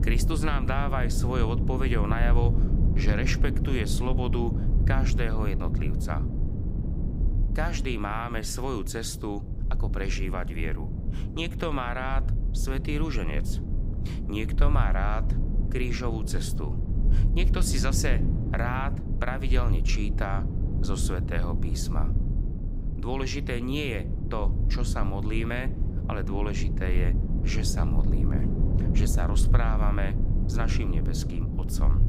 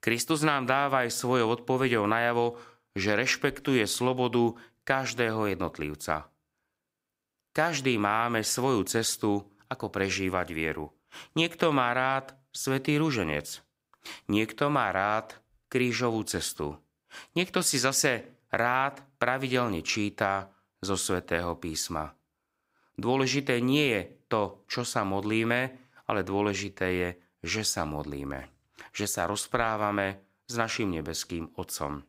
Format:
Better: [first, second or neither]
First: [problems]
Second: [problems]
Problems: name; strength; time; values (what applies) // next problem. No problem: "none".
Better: second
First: low rumble; loud; throughout; 7 dB below the speech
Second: none